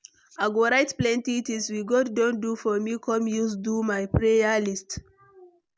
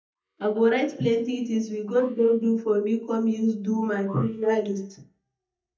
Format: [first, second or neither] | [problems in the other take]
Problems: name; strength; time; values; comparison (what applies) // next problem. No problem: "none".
first | noise reduction (neural mask model DeepFilterNet 3)